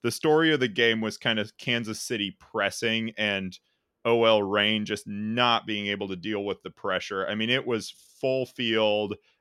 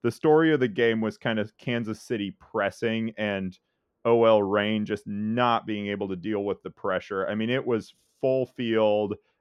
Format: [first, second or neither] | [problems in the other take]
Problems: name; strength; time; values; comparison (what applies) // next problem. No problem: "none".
first | muffled; slightly; fading above 2 kHz